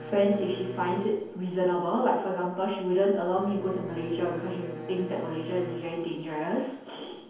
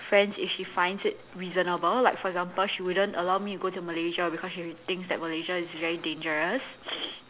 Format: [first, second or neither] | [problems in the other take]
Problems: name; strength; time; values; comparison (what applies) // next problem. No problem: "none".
second | background sound (Bowed string instrument); 13 dB below the speech // room echo; dies away in 0.9 s